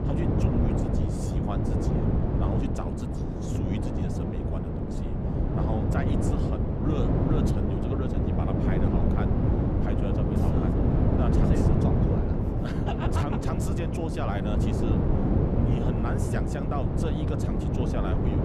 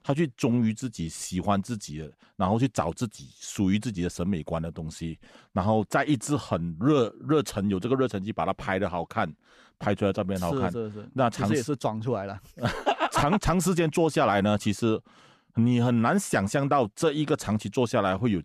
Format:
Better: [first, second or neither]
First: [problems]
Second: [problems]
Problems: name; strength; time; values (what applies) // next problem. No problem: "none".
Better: second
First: wind noise on the microphone; heavy; 4 dB above the speech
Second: none